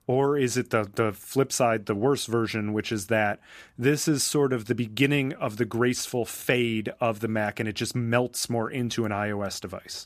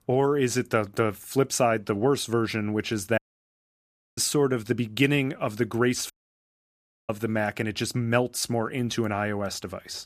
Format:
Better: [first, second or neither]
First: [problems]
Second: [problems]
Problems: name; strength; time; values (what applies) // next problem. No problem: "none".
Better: first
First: none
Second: audio cutting out; at 3 s for 1 s and at 6 s for 1 s